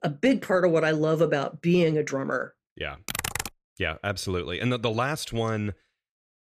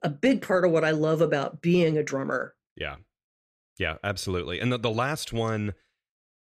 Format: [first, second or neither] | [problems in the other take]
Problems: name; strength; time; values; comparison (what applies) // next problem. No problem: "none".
second | keyboard typing; noticeable; at 3 s; peak 3 dB below the speech